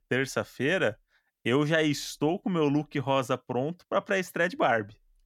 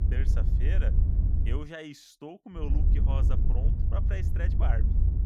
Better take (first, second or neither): first